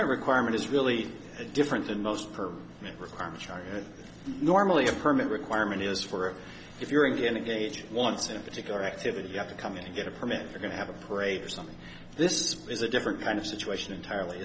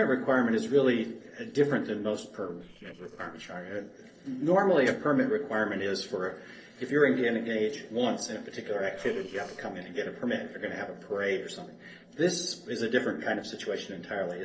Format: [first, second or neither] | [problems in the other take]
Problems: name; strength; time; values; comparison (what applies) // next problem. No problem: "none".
first | noise reduction (neural separator model SepFormer DNS4)